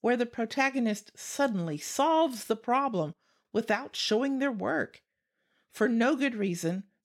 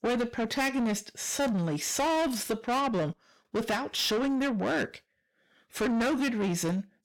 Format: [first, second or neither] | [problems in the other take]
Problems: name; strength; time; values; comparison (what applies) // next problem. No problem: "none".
first | distortion; heavy; 6 dB below the speech